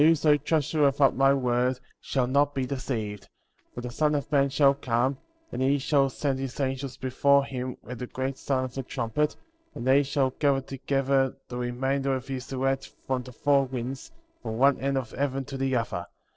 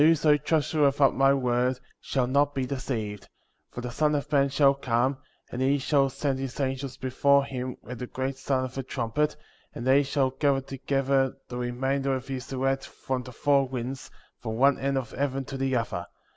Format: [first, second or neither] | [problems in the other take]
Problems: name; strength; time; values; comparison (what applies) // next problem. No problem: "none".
second | noise reduction (neural separator model SepFormer DNS4)